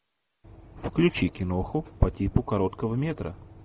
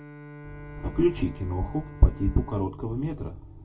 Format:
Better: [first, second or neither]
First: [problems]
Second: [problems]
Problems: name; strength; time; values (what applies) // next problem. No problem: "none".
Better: first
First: none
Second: background sound (Bowed string instrument); 17 dB below the speech // room echo; dies away in 0.1 s